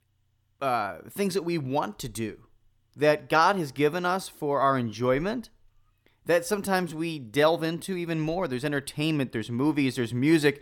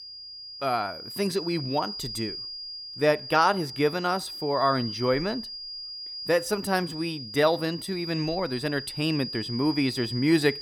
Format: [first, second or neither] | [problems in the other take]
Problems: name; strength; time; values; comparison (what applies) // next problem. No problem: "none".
first | high-pitched whine; loud; throughout; 5 kHz, 8 dB below the speech